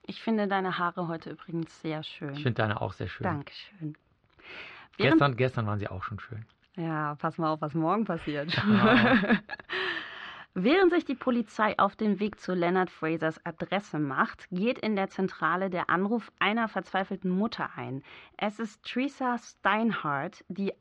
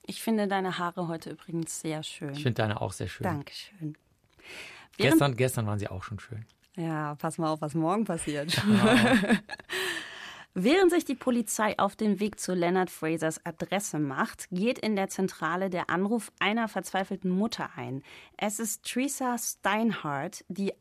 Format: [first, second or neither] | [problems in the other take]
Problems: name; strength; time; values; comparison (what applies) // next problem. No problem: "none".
second | muffled; slightly; fading above 4 kHz